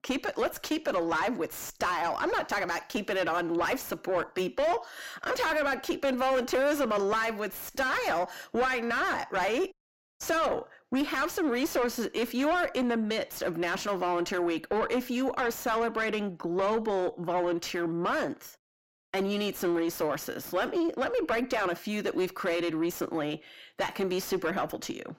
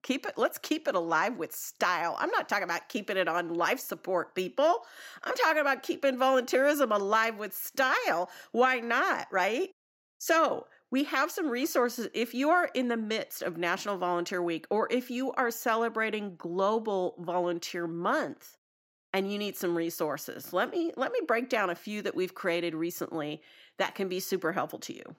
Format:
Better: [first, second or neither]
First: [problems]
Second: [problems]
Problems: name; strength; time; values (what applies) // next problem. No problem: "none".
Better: second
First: distortion; heavy; 7 dB below the speech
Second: none